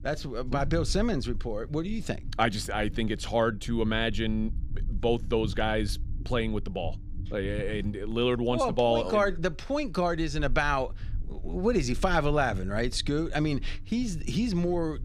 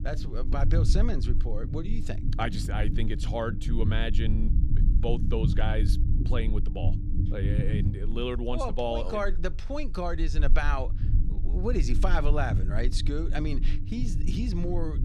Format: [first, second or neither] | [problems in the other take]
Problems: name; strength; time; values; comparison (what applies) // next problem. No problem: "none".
first | low rumble; loud; throughout; 9 dB below the speech; faint in the first